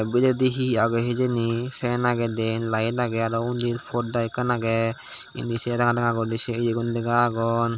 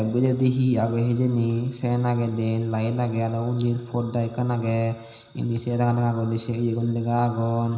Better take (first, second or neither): first